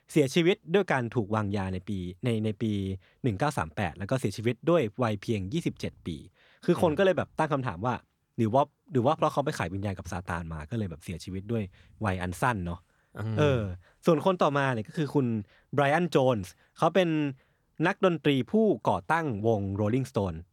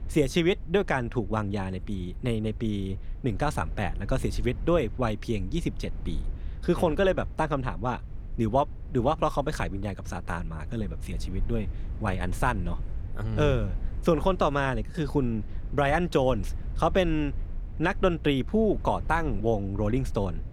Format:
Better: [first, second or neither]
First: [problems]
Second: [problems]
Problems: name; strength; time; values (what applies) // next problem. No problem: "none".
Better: first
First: none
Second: low rumble; faint; throughout; 25 dB below the speech